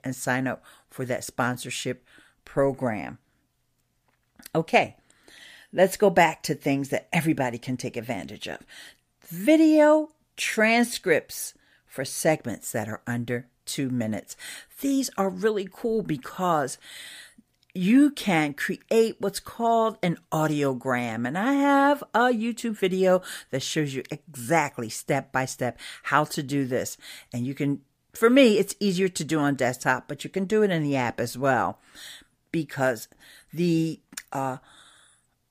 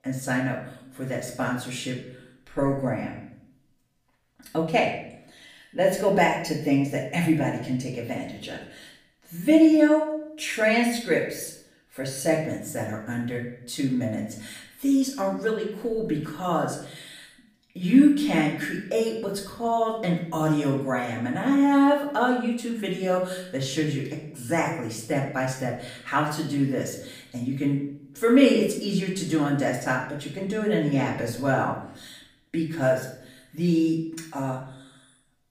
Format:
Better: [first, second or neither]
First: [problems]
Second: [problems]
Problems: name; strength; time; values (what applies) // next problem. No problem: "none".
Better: first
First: none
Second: room echo; noticeable; dies away in 0.6 s // off-mic speech; far